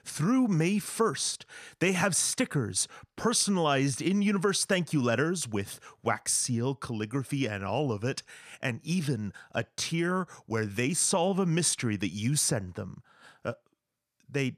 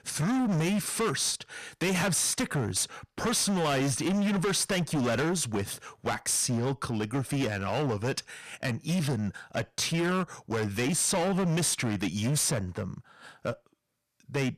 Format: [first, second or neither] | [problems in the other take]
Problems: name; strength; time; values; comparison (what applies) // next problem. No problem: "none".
first | distortion; heavy; 23% of the sound clipped